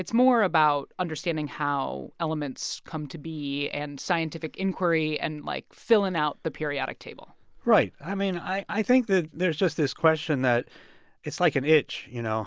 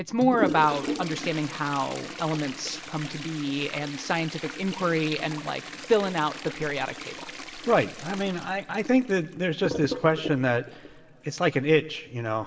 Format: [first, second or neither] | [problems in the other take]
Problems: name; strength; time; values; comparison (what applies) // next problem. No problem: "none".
first | background sound (Toilet flush); 10 dB below the speech // room echo; dies away in 2 s